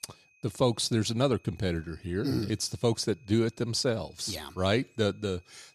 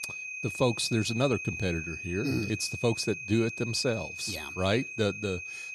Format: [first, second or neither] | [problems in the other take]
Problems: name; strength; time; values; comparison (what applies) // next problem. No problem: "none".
first | high-pitched whine; loud; throughout; 2.5 kHz, 7 dB below the speech; faint in the first